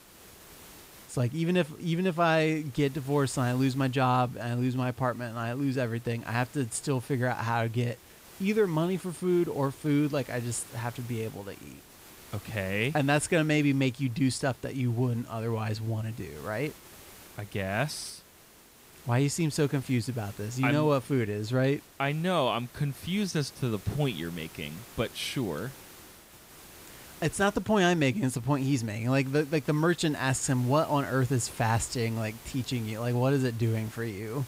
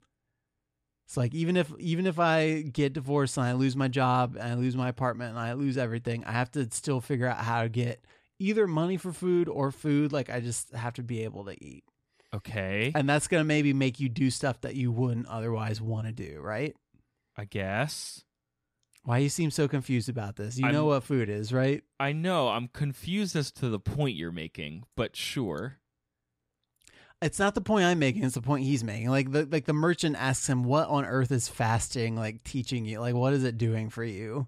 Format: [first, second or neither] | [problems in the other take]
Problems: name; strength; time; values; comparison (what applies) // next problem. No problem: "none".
second | hiss; faint; throughout; 20 dB below the speech